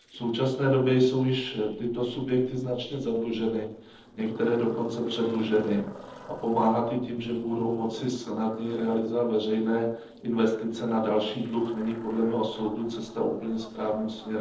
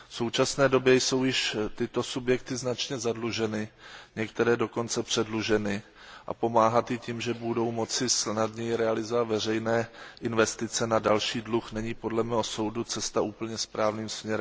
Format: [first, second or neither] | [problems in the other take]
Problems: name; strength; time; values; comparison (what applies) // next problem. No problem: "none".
second | noise reduction (neural separator model SepFormer DNS4)